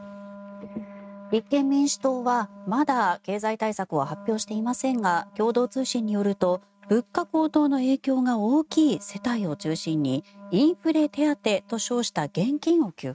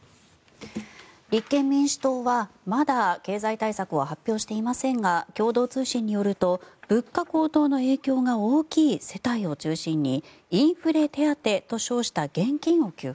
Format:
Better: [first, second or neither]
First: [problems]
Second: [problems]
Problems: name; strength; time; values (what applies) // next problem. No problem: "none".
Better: second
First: noise reduction (neural mask model RNNoise)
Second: none